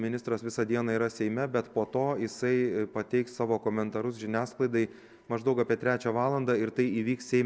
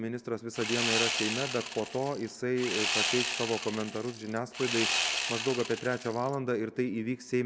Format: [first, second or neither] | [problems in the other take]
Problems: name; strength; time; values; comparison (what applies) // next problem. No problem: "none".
first | background sound (Sawing); 1 dB below the speech